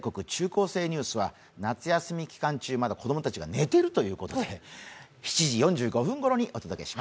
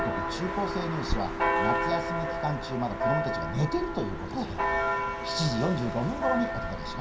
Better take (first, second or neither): first